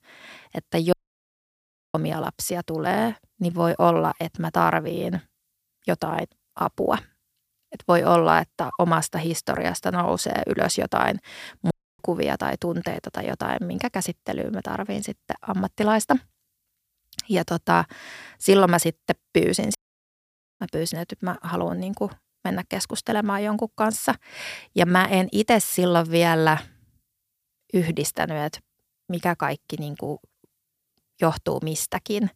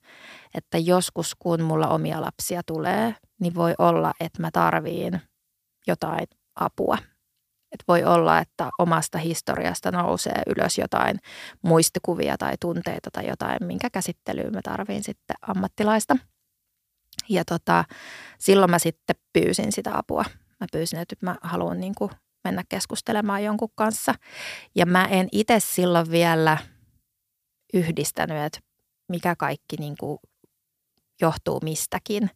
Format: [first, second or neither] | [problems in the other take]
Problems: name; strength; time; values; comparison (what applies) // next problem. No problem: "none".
second | audio cutting out; at 1 s for 1 s, at 12 s and at 20 s for 1 s